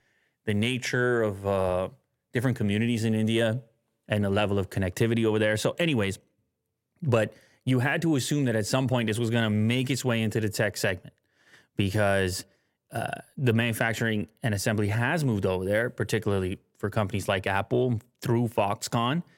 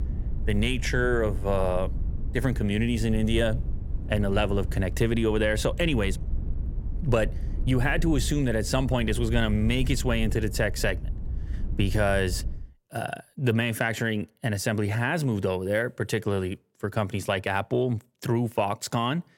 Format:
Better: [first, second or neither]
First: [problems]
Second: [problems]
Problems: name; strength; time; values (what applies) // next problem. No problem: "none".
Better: first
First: none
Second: low rumble; noticeable; until 13 s; 20 dB below the speech